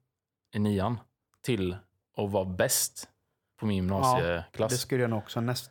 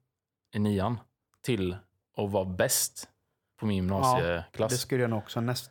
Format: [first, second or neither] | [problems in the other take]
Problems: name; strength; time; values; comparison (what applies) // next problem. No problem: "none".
neither | none